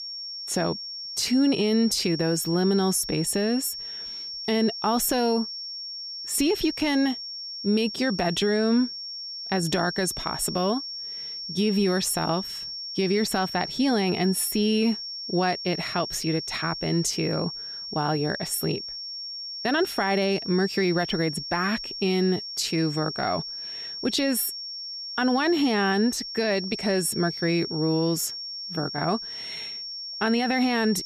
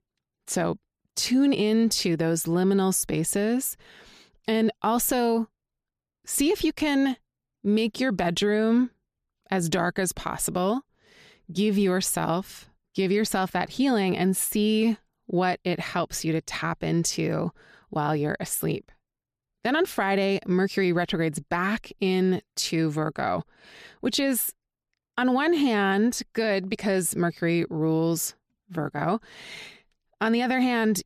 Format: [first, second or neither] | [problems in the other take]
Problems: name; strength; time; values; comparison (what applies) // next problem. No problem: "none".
second | high-pitched whine; loud; throughout; 5.5 kHz, 7 dB below the speech